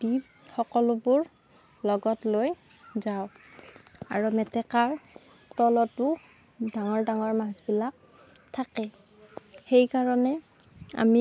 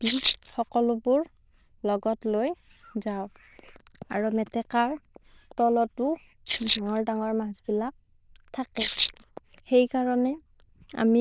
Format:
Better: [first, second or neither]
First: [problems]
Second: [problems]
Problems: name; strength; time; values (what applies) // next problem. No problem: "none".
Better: first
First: none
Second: noise reduction (neural diffusion model UNIVERSE++)